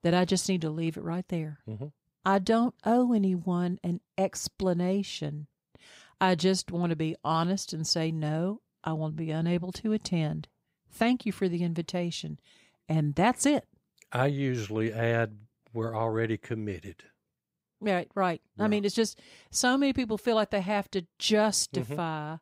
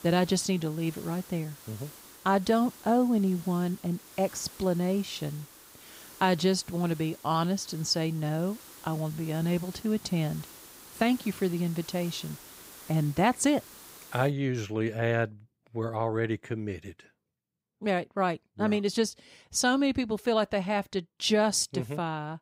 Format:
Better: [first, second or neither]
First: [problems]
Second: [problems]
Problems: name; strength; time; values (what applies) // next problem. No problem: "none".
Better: first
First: none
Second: hiss; noticeable; until 14 s; 20 dB below the speech